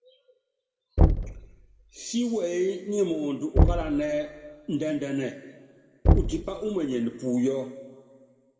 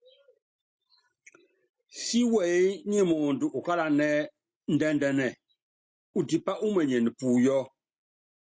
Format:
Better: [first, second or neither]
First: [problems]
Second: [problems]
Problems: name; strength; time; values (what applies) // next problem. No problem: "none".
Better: second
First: background sound (Knock); 3 dB above the speech // room echo; dies away in 1.4 s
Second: none